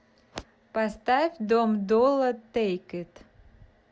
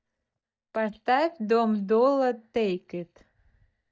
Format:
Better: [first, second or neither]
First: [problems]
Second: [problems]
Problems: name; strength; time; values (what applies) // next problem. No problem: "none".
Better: first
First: none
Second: noise reduction (neural mask model DeepFilterNet 3)